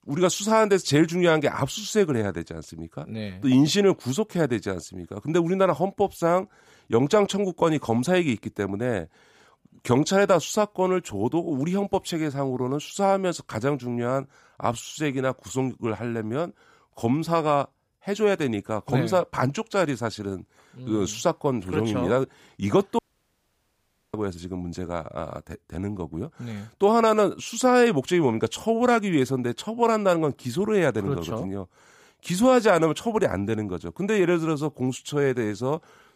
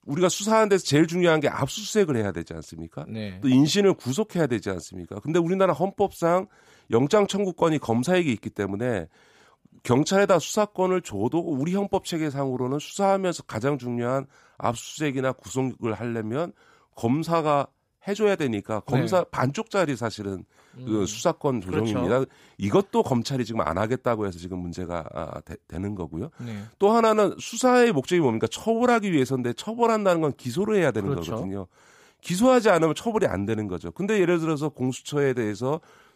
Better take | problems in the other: second | audio cutting out; at 23 s for 1 s

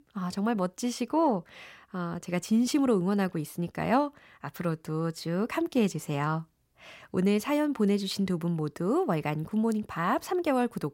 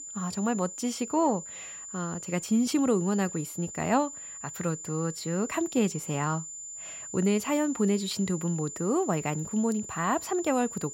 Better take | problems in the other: first | high-pitched whine; loud; throughout; 7 kHz, 10 dB below the speech

